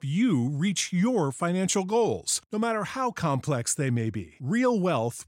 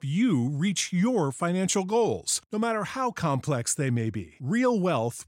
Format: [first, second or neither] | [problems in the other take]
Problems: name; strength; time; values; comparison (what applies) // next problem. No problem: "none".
neither | none